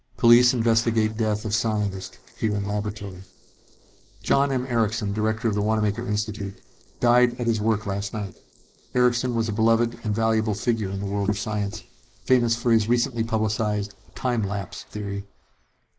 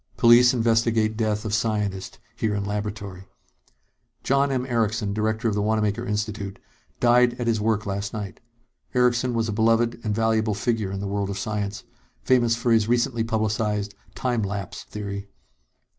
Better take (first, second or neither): second